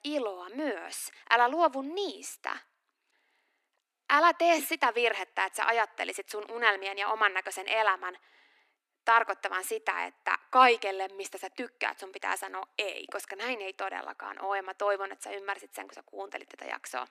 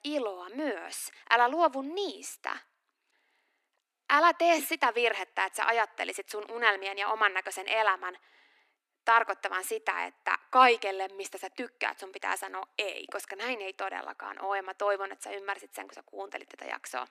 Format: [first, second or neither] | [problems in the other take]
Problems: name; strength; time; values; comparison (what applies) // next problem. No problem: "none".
neither | thin; somewhat; fading below 250 Hz; the same in both